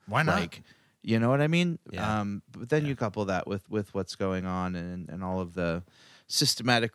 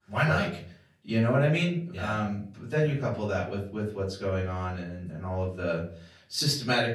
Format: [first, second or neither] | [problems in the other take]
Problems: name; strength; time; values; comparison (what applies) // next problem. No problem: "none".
first | off-mic speech; far // room echo; slight; dies away in 0.4 s